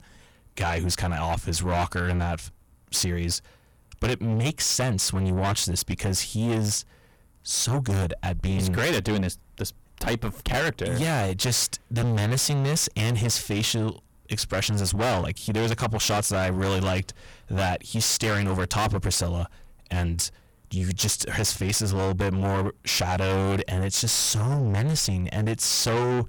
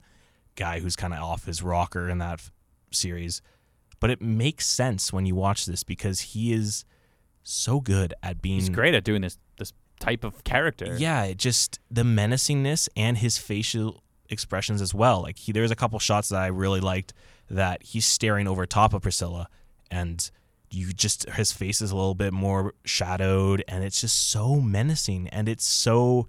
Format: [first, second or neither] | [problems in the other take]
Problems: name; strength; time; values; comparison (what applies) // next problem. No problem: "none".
second | distortion; heavy; 5 dB below the speech